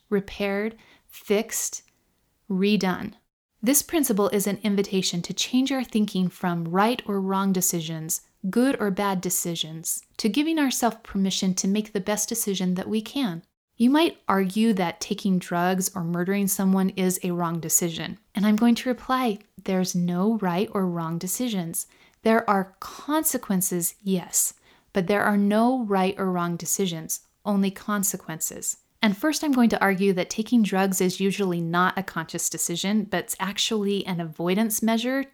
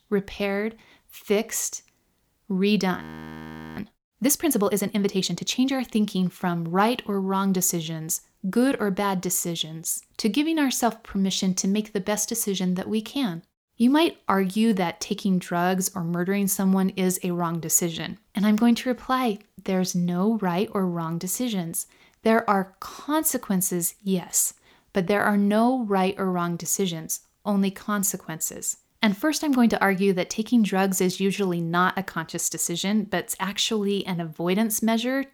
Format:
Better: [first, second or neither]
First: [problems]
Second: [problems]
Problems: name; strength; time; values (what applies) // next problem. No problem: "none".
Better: first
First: none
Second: audio freezing; at 3 s for 1 s